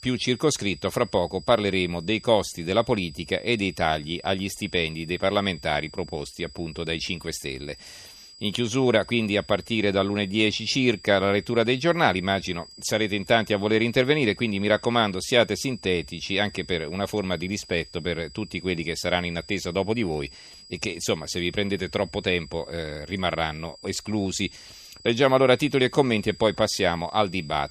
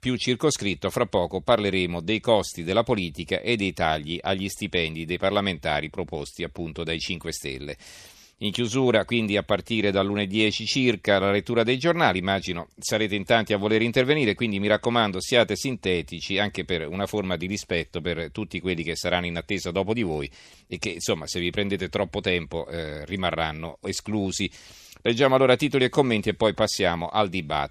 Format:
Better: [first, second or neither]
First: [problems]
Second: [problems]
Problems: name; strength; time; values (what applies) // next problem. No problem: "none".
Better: second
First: high-pitched whine; faint; throughout; 5 kHz, 20 dB below the speech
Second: none